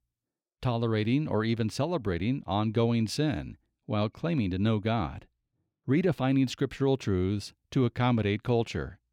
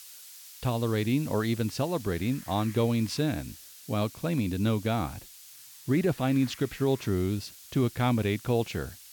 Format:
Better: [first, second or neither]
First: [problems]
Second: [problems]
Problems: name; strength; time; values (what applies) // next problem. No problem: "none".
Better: first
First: none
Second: hiss; noticeable; throughout; 15 dB below the speech